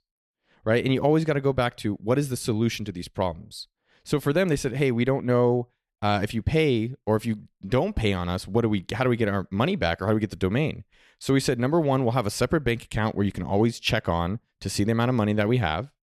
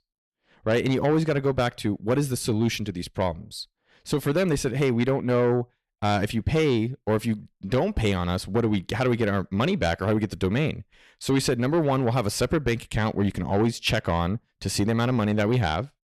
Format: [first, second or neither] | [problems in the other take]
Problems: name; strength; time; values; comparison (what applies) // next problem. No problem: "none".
first | distortion; slight; 10 dB below the speech